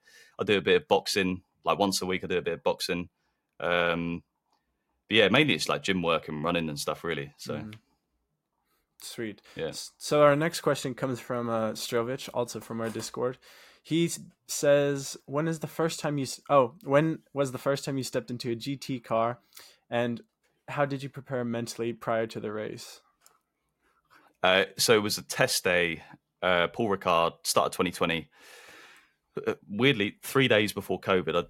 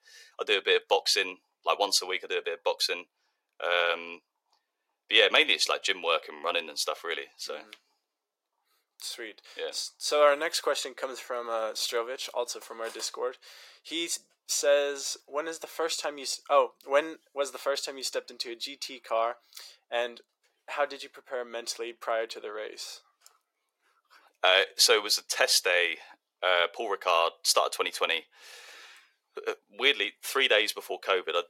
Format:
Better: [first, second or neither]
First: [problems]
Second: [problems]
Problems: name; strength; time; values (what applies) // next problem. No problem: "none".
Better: first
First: none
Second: thin; very; fading below 400 Hz